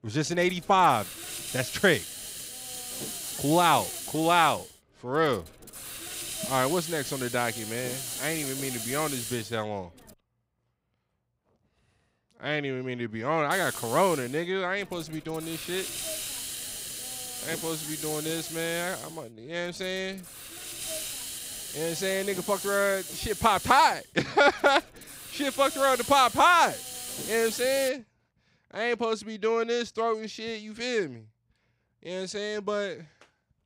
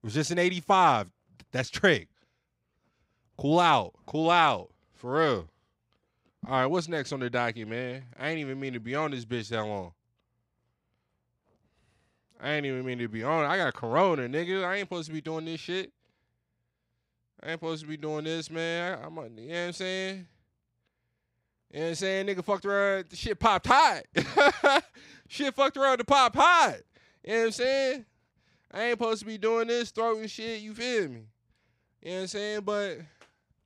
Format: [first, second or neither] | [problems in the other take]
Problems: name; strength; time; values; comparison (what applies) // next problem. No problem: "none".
second | hiss; loud; until 10 s and from 14 to 28 s; 8 dB below the speech